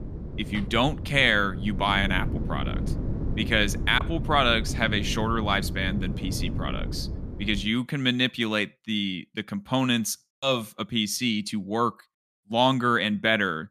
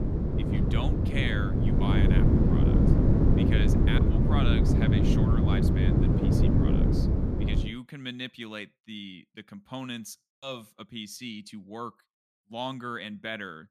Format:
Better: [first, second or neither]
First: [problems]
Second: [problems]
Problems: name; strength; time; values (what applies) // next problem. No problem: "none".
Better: first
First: wind noise on the microphone; occasional gusts; until 7.5 s; 15 dB below the speech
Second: wind noise on the microphone; heavy; until 7.5 s; 4 dB above the speech